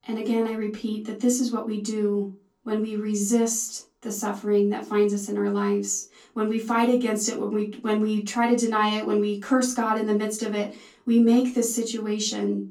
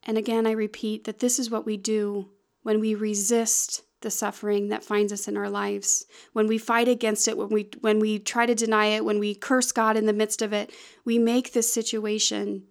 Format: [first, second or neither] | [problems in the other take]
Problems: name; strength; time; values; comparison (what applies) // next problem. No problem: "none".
second | off-mic speech; far // room echo; very slight; dies away in 0.3 s